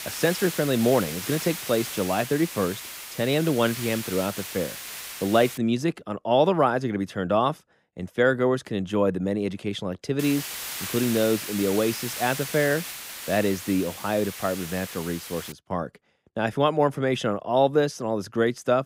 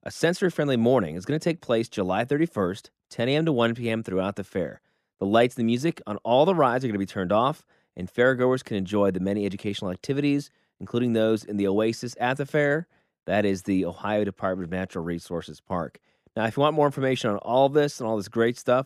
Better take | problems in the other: second | hiss; loud; until 5.5 s and from 10 to 16 s; 8 dB below the speech

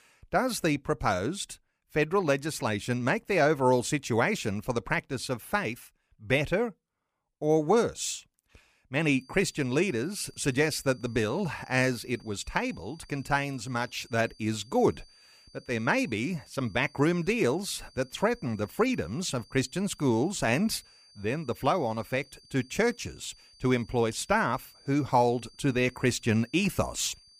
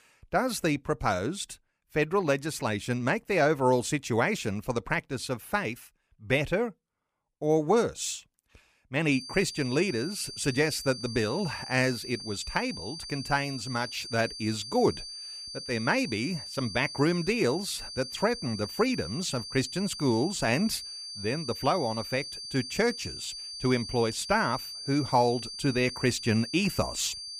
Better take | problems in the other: first | high-pitched whine; loud; from 9 s on; 4.5 kHz, 9 dB below the speech; faint in the first

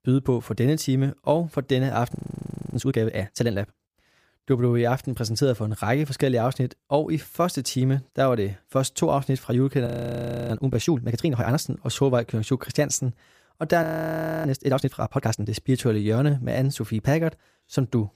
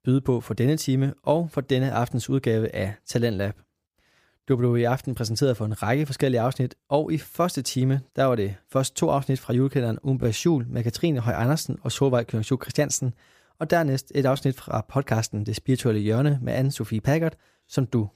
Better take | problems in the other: second | audio freezing; at 2 s for 0.5 s, at 10 s for 0.5 s and at 14 s for 0.5 s

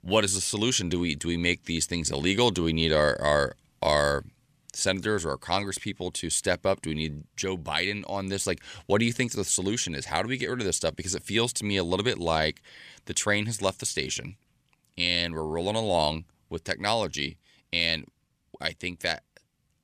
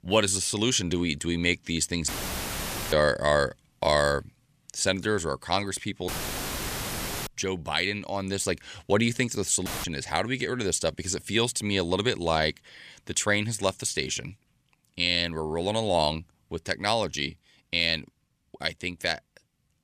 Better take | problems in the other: first | audio cutting out; filled with static; at 2 s for 1 s, at 6 s for 1 s and at 9.5 s

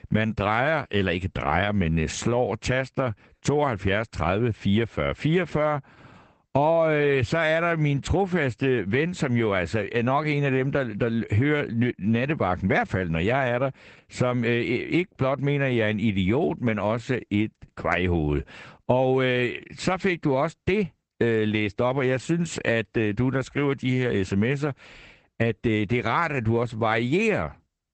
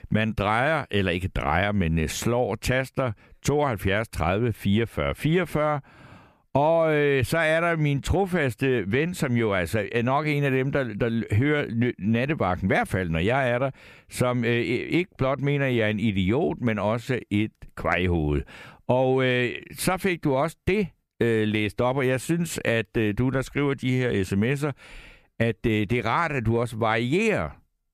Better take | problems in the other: second | garbled, watery; badly; nothing above 8 kHz

